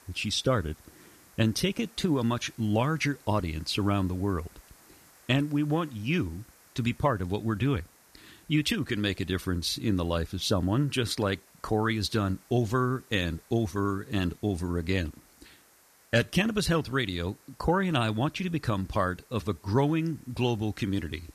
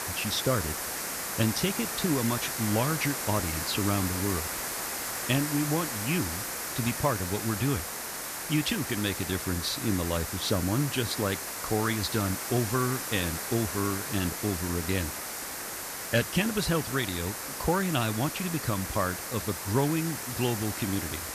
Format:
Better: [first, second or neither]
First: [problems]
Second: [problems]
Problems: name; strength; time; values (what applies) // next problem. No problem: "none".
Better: first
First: hiss; faint; throughout; 25 dB below the speech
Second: hiss; loud; throughout; 3 dB below the speech